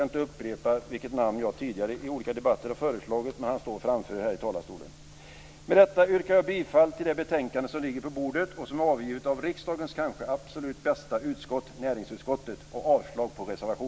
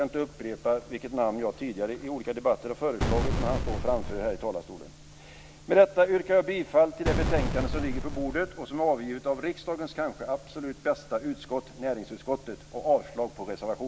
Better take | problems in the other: first | background sound (Boom); as loud as the speech

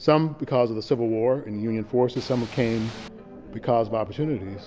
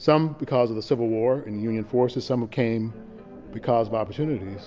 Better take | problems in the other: second | background sound (Ocean / Boat, Water vehicle); 15 dB below the speech

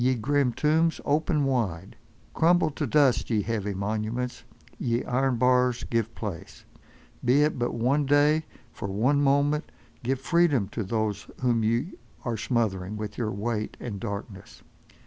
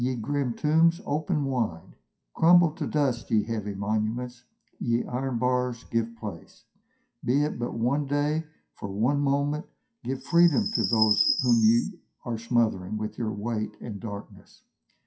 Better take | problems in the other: first | noise reduction (classical method WPE with log-MMSE)

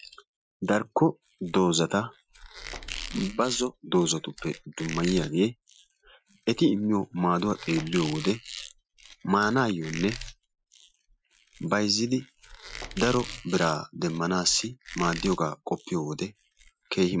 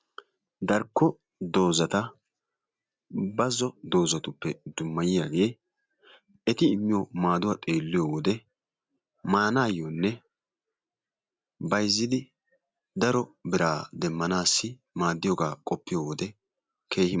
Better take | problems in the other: second | noise reduction (classical method Wiener filter)

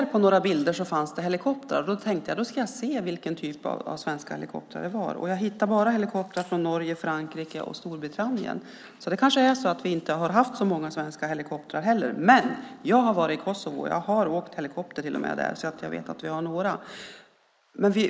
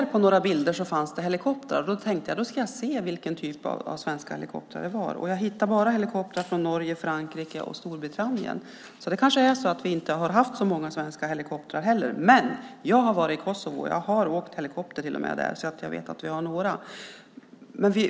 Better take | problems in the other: second | noise reduction (neural mask model Resemble Enhance denoiser)

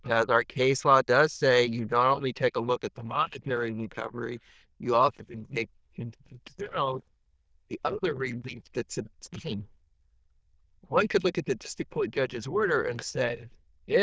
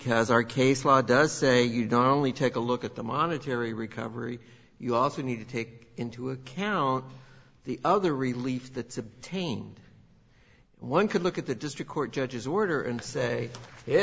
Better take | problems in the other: second | noise reduction (neural diffusion model UNIVERSE++)

